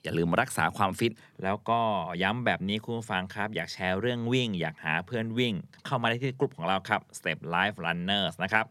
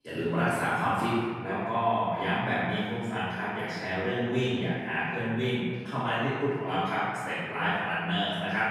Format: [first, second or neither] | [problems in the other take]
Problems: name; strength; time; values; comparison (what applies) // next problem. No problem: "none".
first | off-mic speech; far // room echo; strong; dies away in 1.8 s